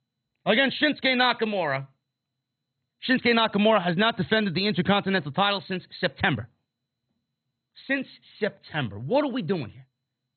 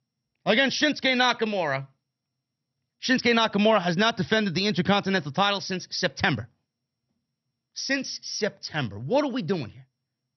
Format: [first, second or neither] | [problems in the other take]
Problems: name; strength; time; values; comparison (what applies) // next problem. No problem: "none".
second | garbled, watery; badly; nothing above 4 kHz; slightly in the second